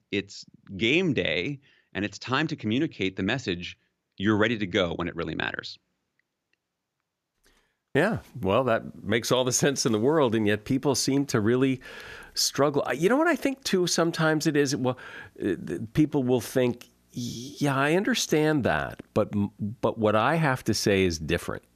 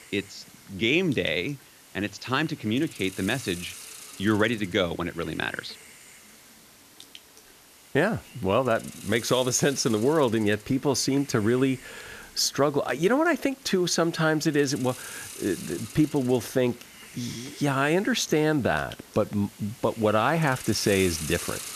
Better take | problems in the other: first | hiss; noticeable; throughout; 15 dB below the speech

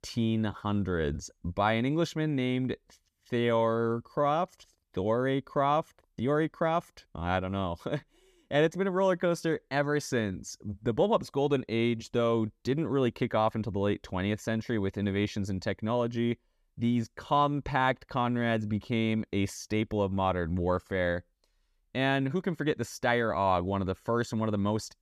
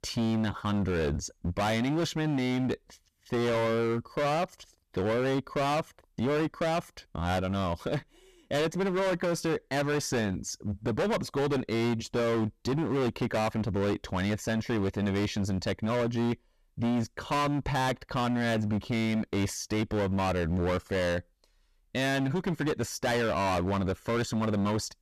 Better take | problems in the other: first | distortion; heavy; 24% of the sound clipped

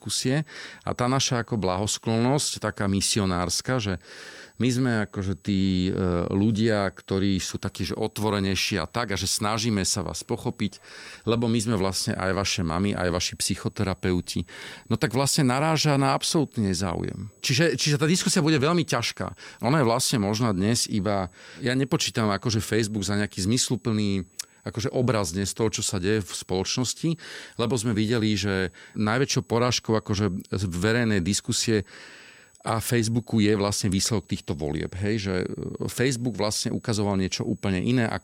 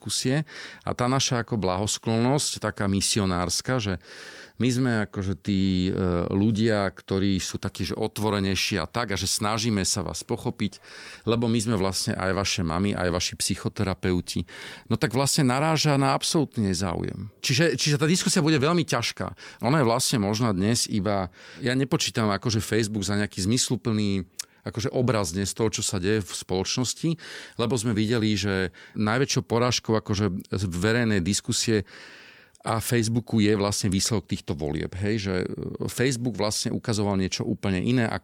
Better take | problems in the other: second | high-pitched whine; faint; throughout; 8 kHz, 35 dB below the speech

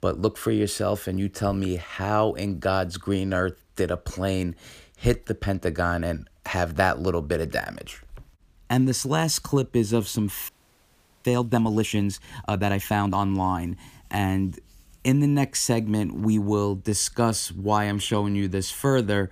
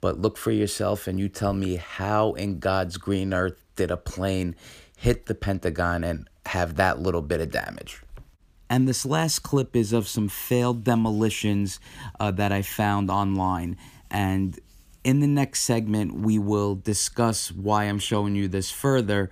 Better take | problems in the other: second | audio freezing; at 10 s for 1 s

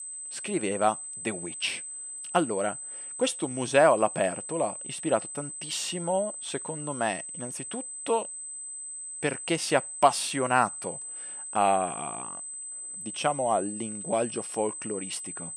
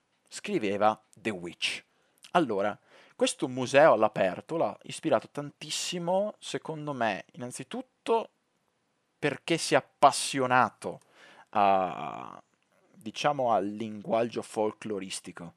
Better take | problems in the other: second | high-pitched whine; loud; throughout; 8 kHz, 7 dB below the speech

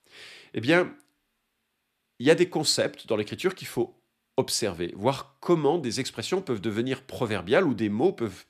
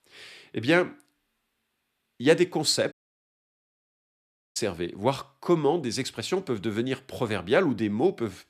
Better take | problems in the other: first | audio cutting out; at 3 s for 1.5 s

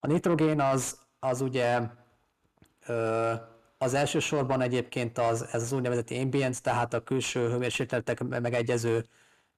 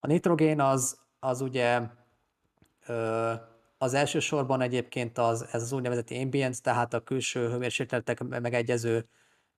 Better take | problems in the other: second | distortion; slight; 10 dB below the speech

